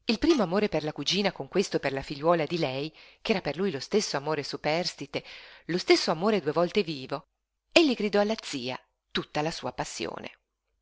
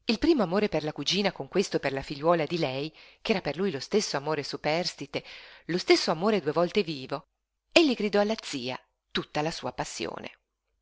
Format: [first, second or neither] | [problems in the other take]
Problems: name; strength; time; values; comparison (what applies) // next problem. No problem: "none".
second | background sound (Tools); 16 dB below the speech